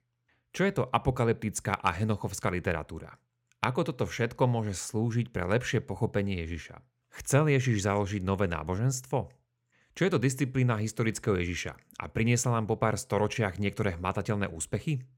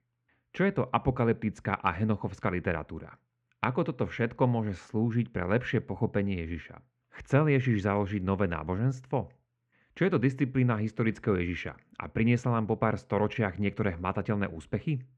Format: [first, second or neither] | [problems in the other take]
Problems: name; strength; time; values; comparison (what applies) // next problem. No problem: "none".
first | muffled; very; fading above 2 kHz